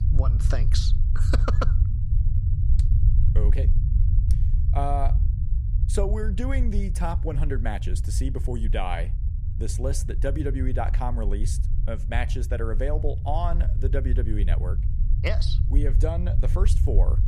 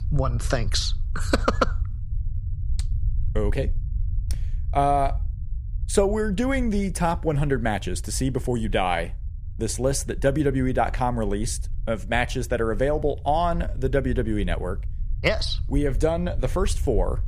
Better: second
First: low rumble; loud; throughout; 10 dB below the speech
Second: low rumble; faint; throughout; 25 dB below the speech

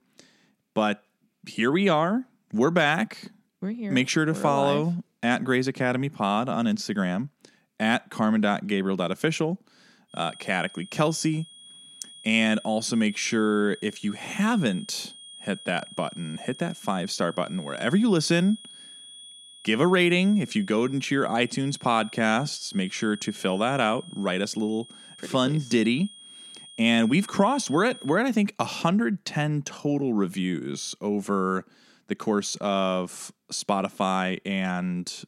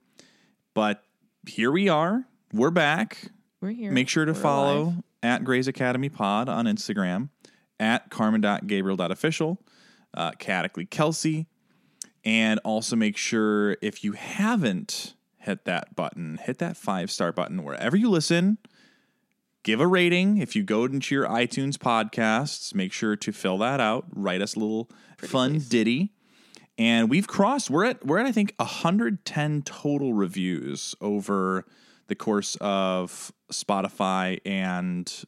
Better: second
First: high-pitched whine; noticeable; from 10 to 28 s; 3.5 kHz, 20 dB below the speech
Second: none

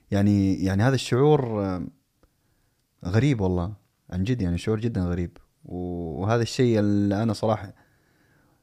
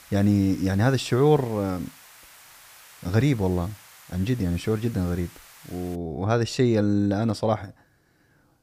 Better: first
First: none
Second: hiss; faint; until 6 s; 25 dB below the speech

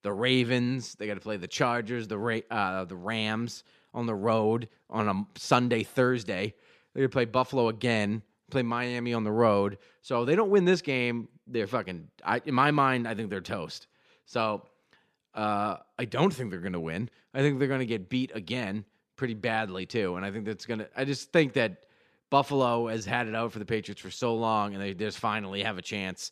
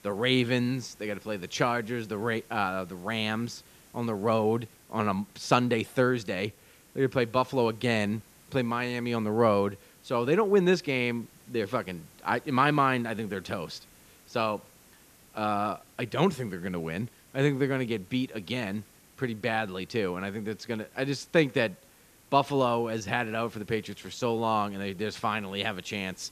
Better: first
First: none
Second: hiss; faint; throughout; 25 dB below the speech

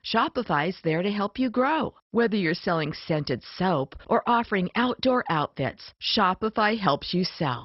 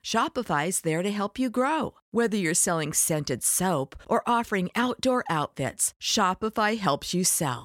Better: second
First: garbled, watery; badly; nothing above 5.5 kHz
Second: none

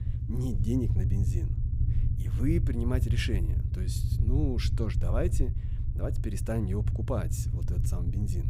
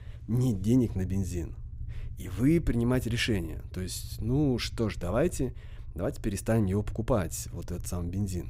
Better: second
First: low rumble; loud; throughout; 6 dB below the speech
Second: low rumble; faint; throughout; 25 dB below the speech

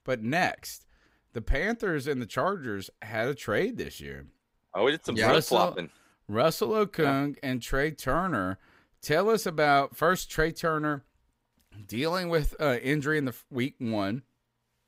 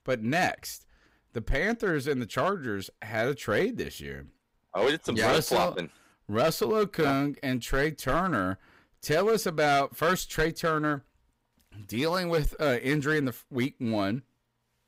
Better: first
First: none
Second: distortion; slight; 4% of the sound clipped

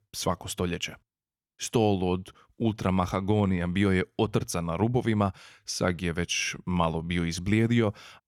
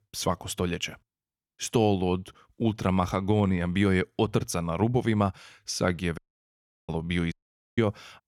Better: first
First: none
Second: audio cutting out; at 6 s for 0.5 s and at 7.5 s

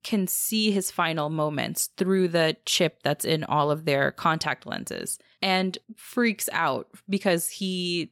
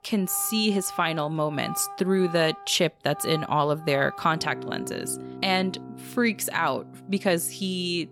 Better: first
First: none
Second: background music; noticeable; throughout; 15 dB below the speech

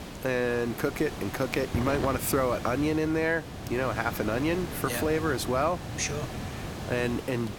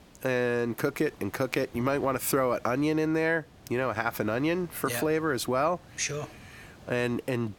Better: second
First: hiss; loud; throughout; 8 dB below the speech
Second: hiss; faint; throughout; 20 dB below the speech

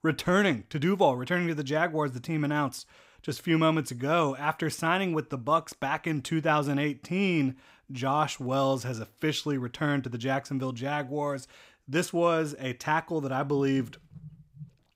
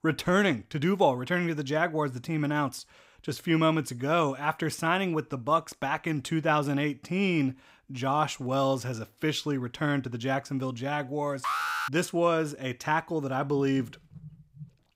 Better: first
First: none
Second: alarm; noticeable; at 11 s; peak 1 dB below the speech

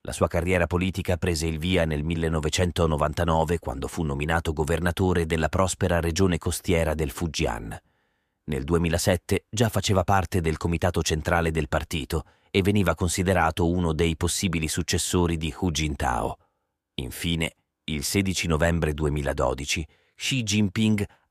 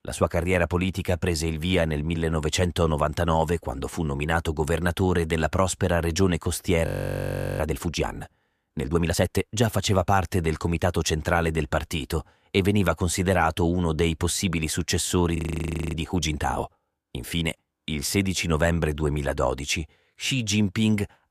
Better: first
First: none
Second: audio freezing; at 7 s for 0.5 s and at 15 s for 0.5 s

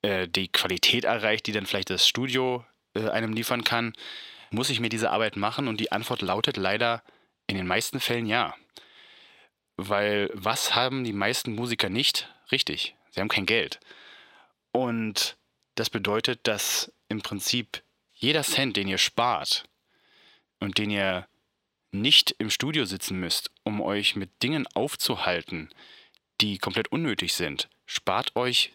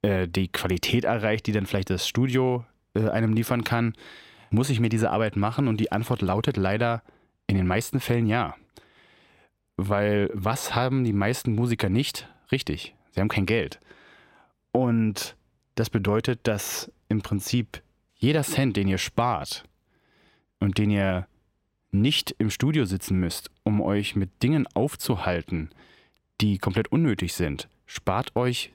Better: second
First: thin; somewhat; fading below 500 Hz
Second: none

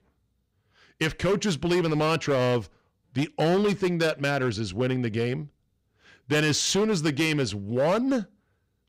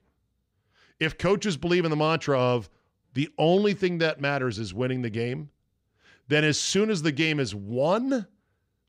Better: second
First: distortion; slight; 9% of the sound clipped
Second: none

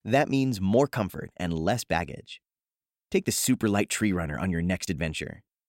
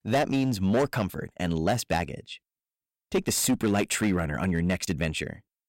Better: first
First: none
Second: distortion; slight; 7% of the sound clipped

